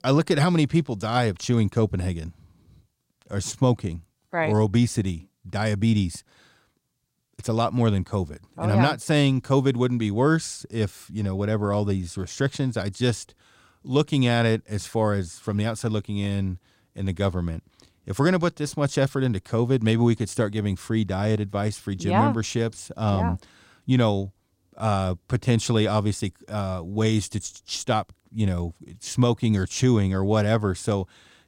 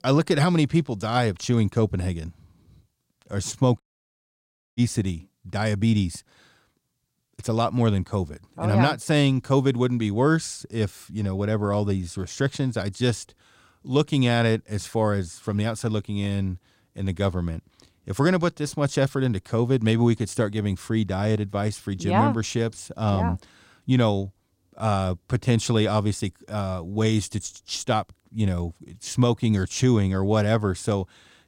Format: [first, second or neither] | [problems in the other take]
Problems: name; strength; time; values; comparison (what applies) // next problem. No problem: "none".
first | audio cutting out; at 4 s for 1 s